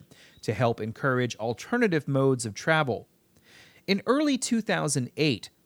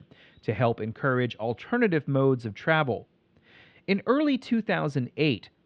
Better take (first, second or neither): first